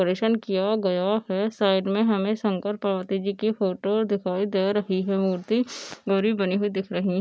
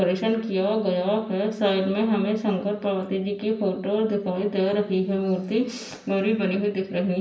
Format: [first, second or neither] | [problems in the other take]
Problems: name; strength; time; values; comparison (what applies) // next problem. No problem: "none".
first | room echo; dies away in 0.9 s